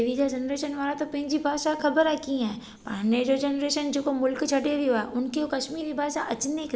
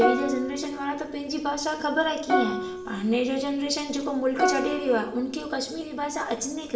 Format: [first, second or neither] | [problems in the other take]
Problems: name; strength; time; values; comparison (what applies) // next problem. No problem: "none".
first | background sound (Plucked string instrument); 4 dB below the speech // room echo; dies away in 0.8 s